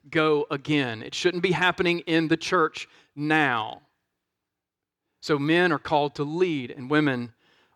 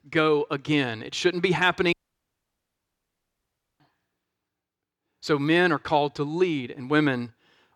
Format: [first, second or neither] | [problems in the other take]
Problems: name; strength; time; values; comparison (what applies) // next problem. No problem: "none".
first | audio cutting out; at 2 s for 2 s